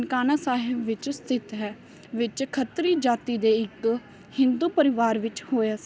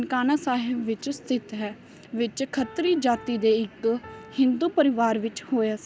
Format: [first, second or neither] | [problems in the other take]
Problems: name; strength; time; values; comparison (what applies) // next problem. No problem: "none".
first | background sound (Piano); 20 dB below the speech